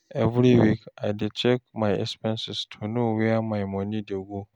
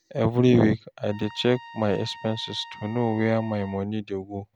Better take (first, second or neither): first